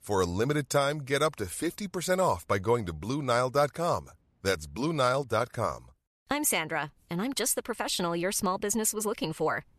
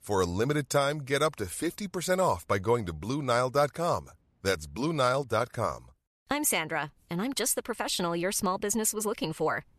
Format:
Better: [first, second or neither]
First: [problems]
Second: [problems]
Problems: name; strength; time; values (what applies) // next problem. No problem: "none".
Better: neither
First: none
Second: none